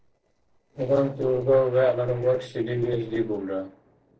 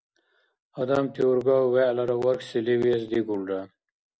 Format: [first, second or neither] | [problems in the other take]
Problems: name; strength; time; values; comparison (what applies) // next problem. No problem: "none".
second | noise reduction (neural separator model SepFormer DNS4)